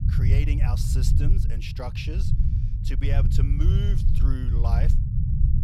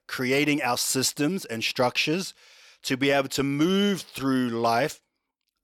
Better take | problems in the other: second | low rumble; loud; throughout; 1 dB below the speech

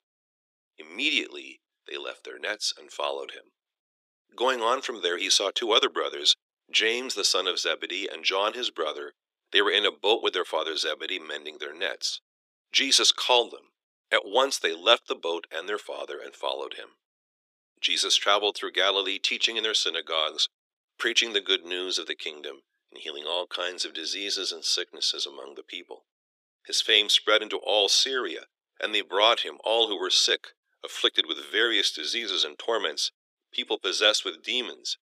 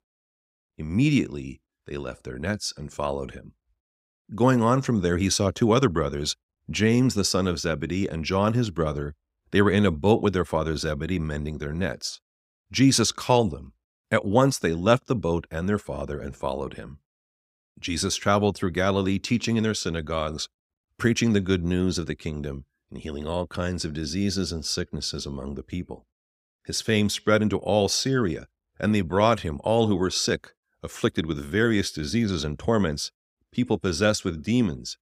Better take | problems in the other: second | thin; very; fading below 350 Hz

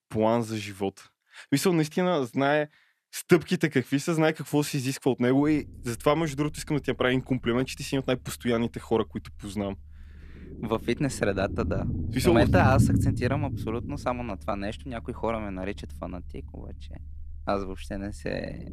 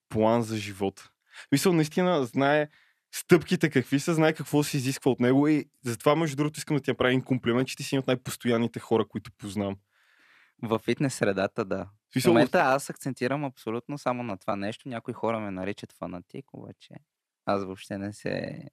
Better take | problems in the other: second | low rumble; loud; from 5.5 s on; 9 dB below the speech

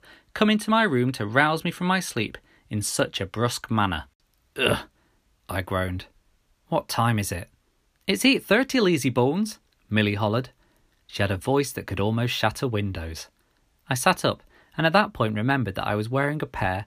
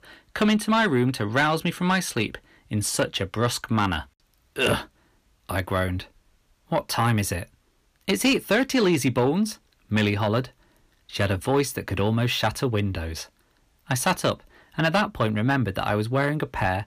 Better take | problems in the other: first | distortion; slight; 10 dB below the speech

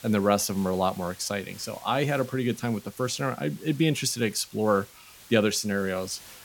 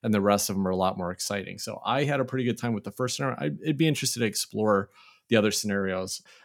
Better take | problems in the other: second | hiss; faint; throughout; 20 dB below the speech

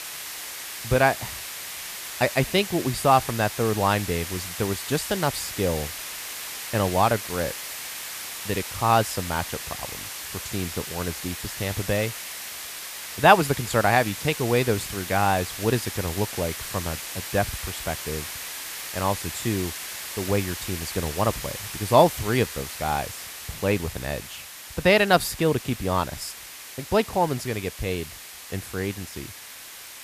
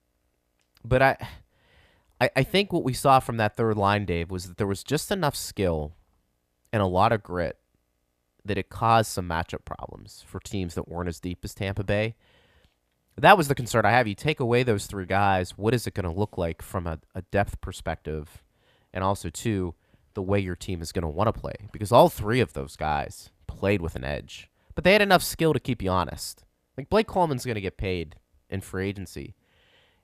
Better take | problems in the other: second | hiss; loud; throughout; 8 dB below the speech

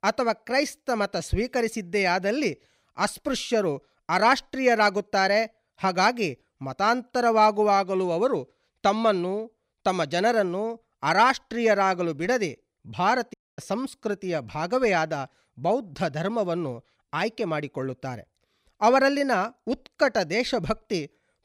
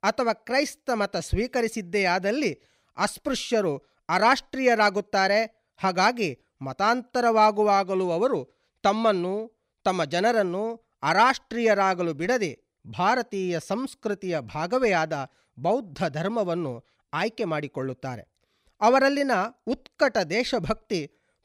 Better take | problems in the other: second | audio cutting out; at 13 s

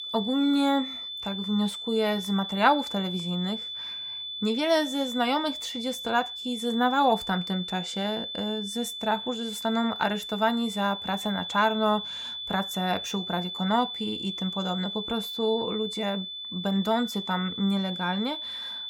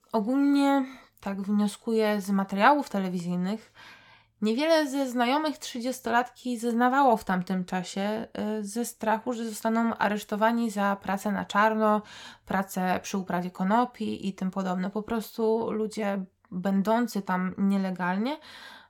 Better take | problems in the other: second | high-pitched whine; loud; throughout; 3.5 kHz, 6 dB below the speech

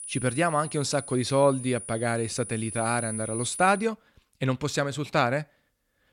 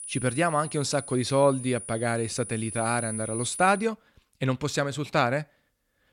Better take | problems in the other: neither | high-pitched whine; loud; until 4 s; 10 kHz, 9 dB below the speech; the same in both

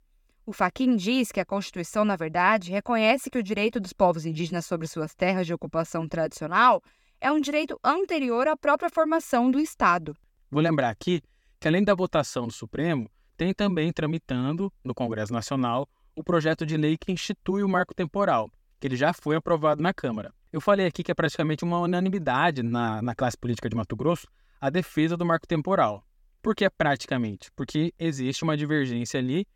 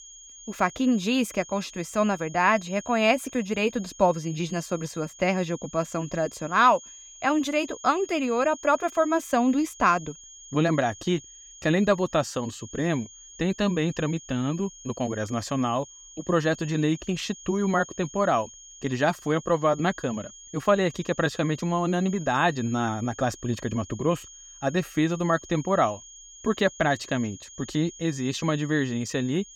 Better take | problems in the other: first | high-pitched whine; noticeable; throughout; 6.5 kHz, 20 dB below the speech

